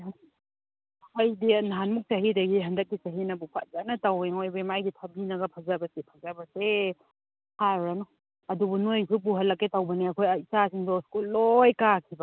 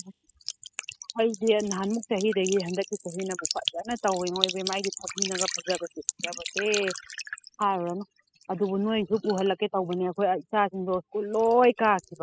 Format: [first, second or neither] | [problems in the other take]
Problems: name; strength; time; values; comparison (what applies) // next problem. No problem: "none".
first | noise reduction (classical method spectral subtraction)